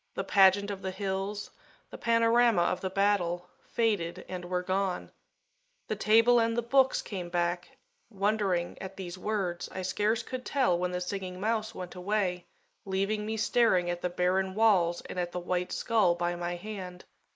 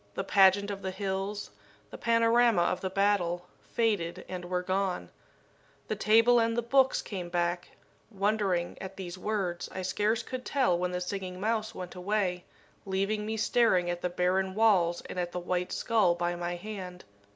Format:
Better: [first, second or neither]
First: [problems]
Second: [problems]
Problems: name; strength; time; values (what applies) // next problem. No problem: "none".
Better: second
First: noise reduction (neural mask model Resemble Enhance denoiser)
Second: none